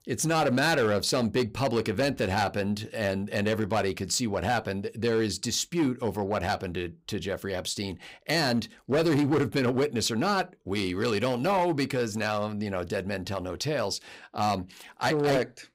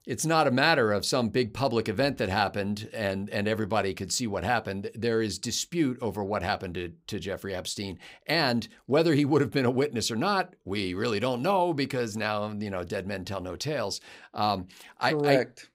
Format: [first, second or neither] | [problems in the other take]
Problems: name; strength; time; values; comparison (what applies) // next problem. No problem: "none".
second | distortion; slight; 7% of the sound clipped